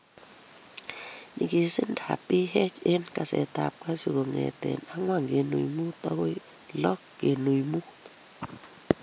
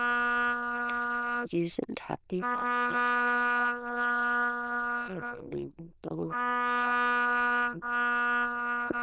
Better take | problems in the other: first | noise reduction (neural diffusion model UNIVERSE++)

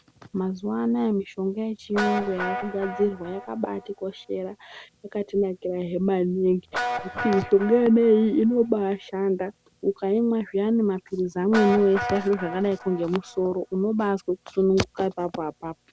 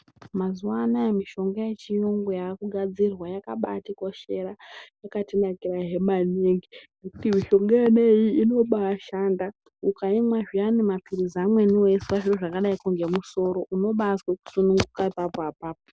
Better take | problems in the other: second | background sound (Guitar); 12 dB below the speech

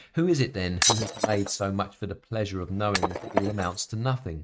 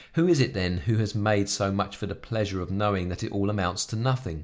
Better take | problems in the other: second | noise reduction (neural mask model RNNoise)

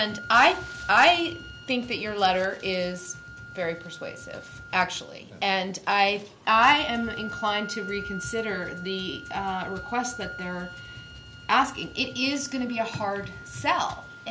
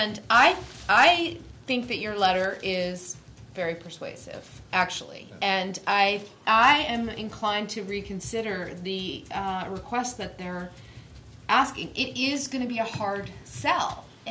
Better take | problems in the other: second | background sound (Wind instrument, woodwind instrument); 15 dB below the speech

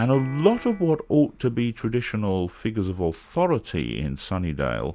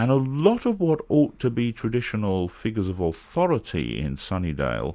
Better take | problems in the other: second | background sound (Piano); 19 dB below the speech

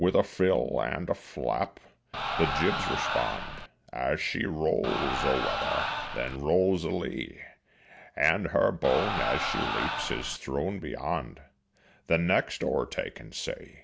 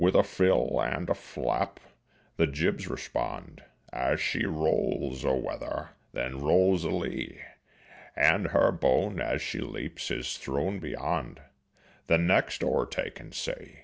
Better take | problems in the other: second | background sound (Crowd); 2 dB below the speech

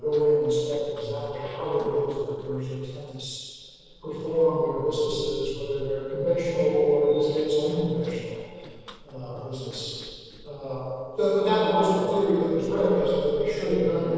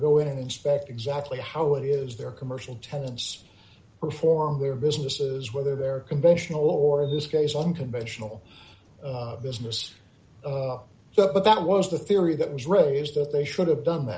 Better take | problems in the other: second | noise reduction (neural separator model SepFormer DNS4)

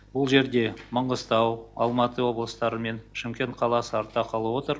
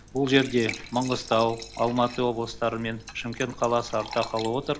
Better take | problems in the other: first | background sound (Fill (with liquid) / Trickle, dribble / Glass); 14 dB below the speech

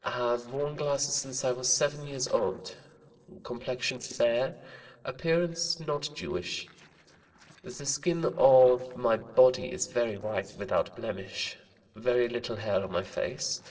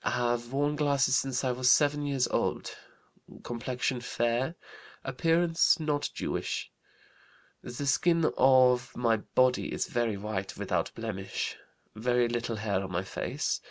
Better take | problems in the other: second | noise reduction (neural separator model SepFormer DNS4)

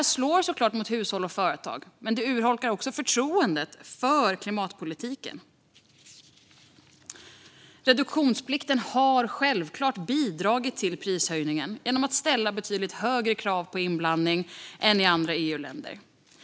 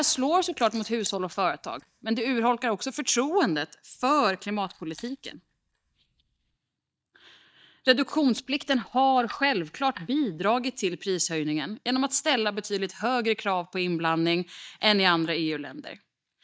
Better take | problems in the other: first | noise reduction (neural mask model DeepFilterNet 3)

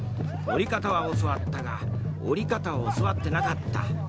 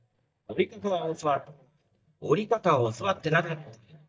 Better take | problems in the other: first | noise reduction (neural mask model DeepFilterNet 3)

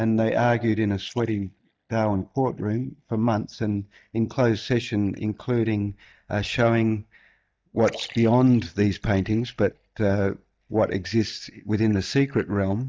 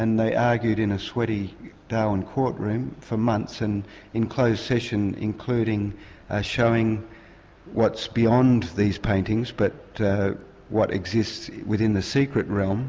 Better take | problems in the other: second | noise reduction (neural mask model DeepFilterNet 3)

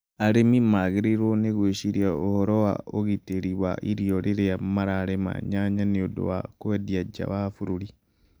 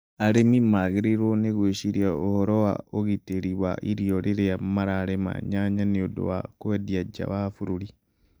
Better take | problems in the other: first | noise reduction (neural mask model DeepFilterNet 3)

